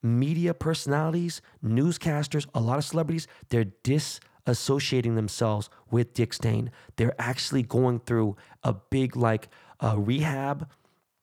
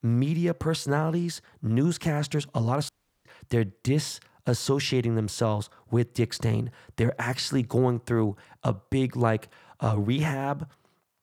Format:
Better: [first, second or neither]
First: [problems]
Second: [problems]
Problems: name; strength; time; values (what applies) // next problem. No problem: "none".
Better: first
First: none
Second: audio cutting out; at 3 s